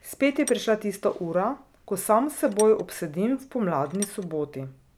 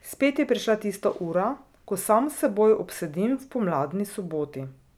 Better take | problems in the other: second | background sound (Tools); 15 dB below the speech

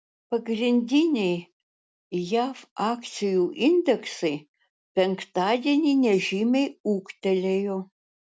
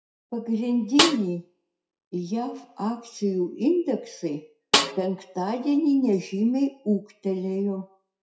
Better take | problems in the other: first | noise reduction (classical method WPE with log-MMSE)

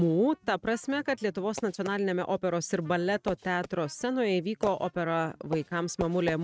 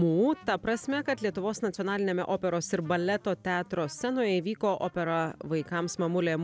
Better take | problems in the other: second | noise reduction (neural mask model RNNoise)

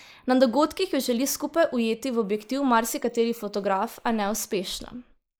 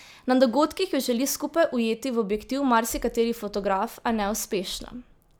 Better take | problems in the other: second | noise reduction (neural mask model Resemble Enhance denoiser)

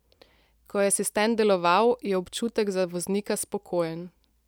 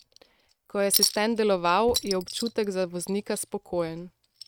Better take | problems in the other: first | noise reduction (neural mask model RNNoise)

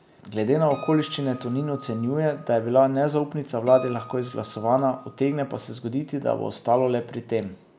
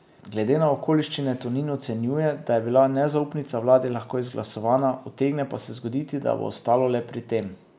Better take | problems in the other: second | background sound (Acoustic guitar); 20 dB below the speech

